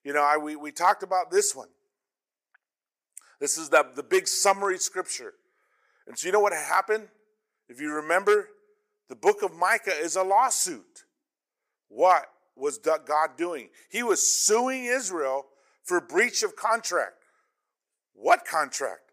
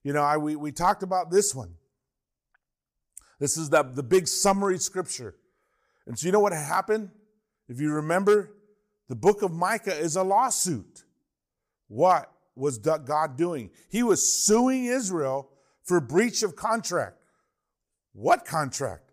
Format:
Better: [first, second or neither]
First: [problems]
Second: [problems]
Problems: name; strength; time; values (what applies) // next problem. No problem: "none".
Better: second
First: thin; somewhat; fading below 350 Hz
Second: none